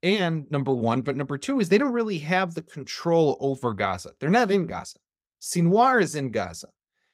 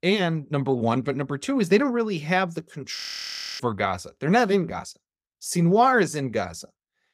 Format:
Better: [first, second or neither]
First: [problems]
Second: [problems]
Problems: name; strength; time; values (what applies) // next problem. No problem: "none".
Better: first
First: none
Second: audio freezing; at 3 s for 0.5 s